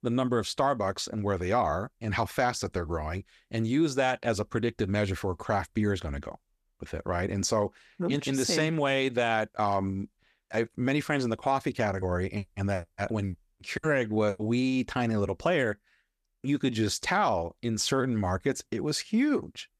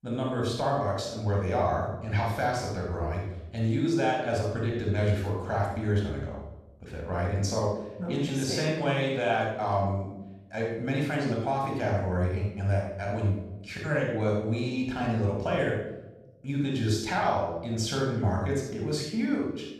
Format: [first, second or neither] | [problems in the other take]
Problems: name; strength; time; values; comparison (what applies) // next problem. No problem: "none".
first | off-mic speech; far // room echo; noticeable; dies away in 0.8 s